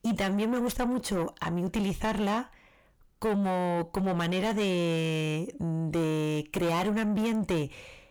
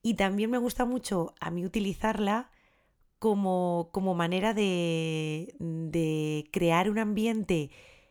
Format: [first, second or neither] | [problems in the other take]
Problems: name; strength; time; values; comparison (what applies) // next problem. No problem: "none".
second | distortion; heavy; 6 dB below the speech